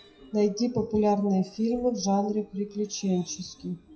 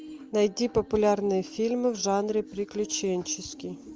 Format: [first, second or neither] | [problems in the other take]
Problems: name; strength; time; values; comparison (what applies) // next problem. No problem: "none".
second | noise reduction (classical method WPE with log-MMSE)